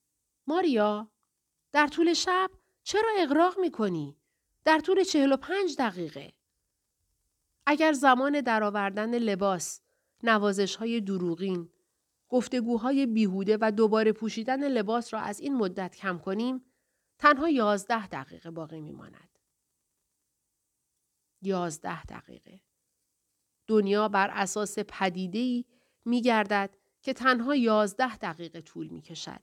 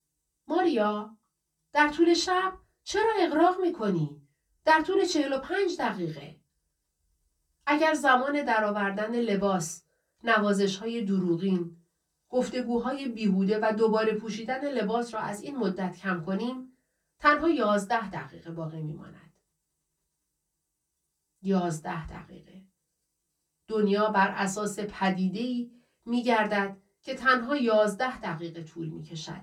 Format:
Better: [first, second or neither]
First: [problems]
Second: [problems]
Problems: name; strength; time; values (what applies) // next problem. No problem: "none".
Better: first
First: none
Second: off-mic speech; far // room echo; very slight; dies away in 0.2 s